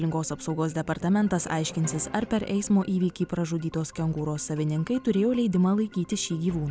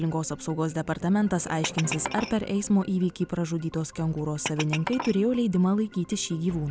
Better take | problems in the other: first | background sound (Glass); 13 dB below the speech

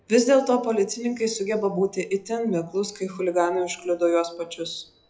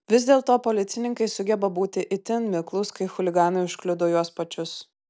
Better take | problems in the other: second | noise reduction (classical method WPE with log-MMSE)

